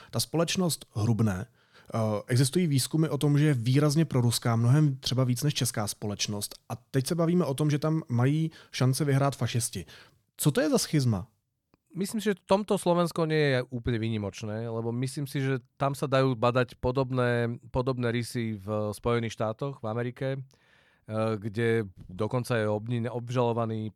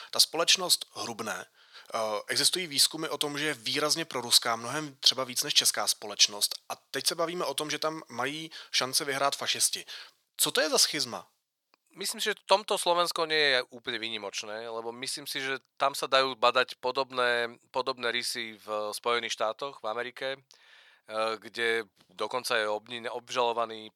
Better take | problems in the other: first | thin; very; fading below 700 Hz

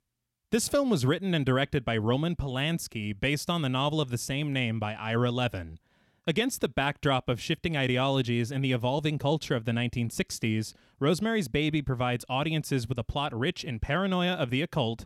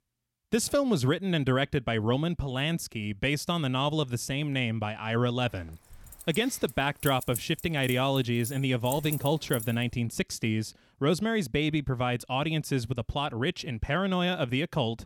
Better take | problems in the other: first | jangling keys; noticeable; from 6 to 10 s; peak 7 dB below the speech

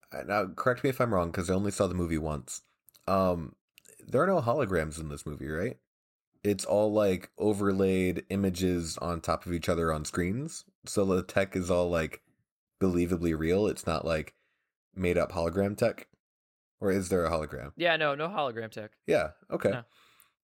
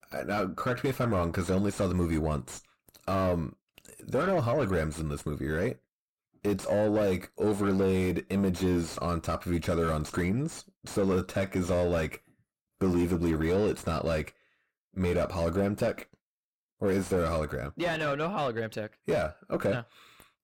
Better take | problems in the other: first | distortion; heavy; 7 dB below the speech

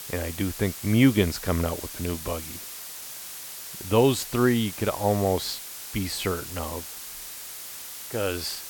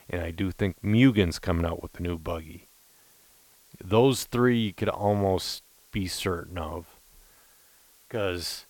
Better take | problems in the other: second | hiss; loud; throughout; 10 dB below the speech; faint in the second

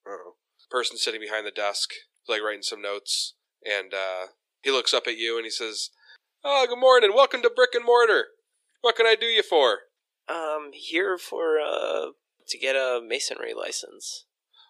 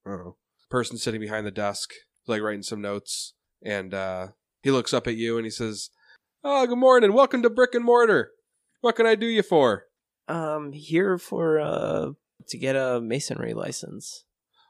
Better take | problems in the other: second | thin; very; fading below 400 Hz

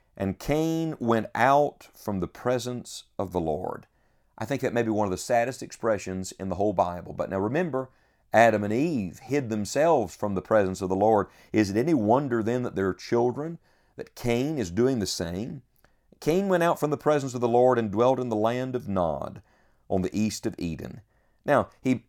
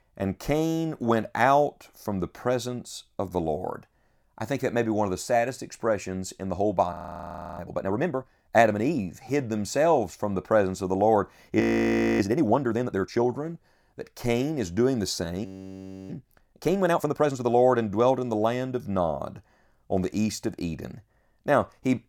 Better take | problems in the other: first | audio freezing; at 7 s for 0.5 s, at 12 s for 0.5 s and at 15 s for 0.5 s

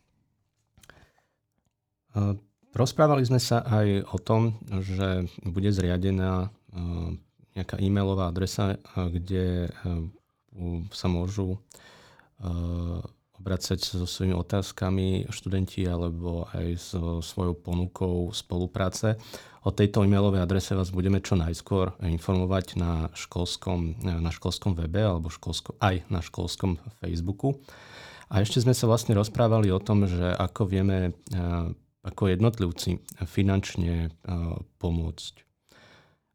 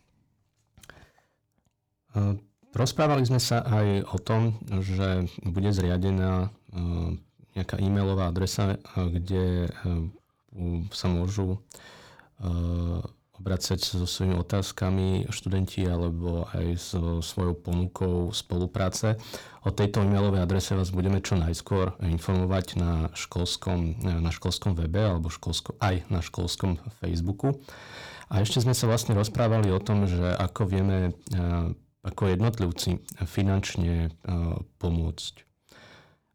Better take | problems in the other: first | distortion; slight; 10 dB below the speech

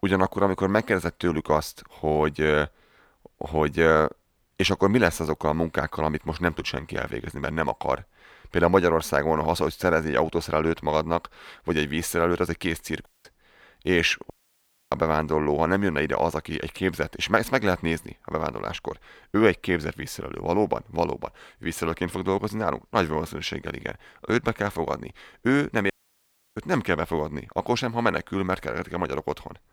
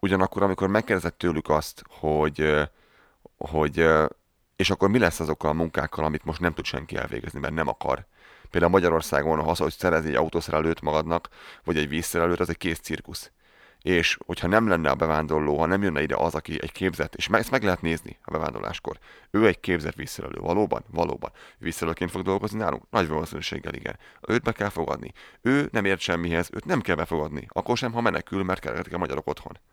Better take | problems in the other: second | audio cutting out; at 13 s, at 14 s for 0.5 s and at 26 s for 0.5 s

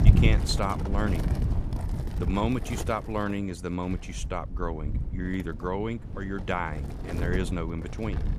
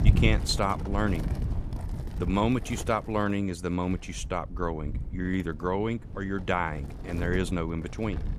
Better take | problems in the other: second | wind noise on the microphone; heavy; 9 dB below the speech; occasional gusts in the second

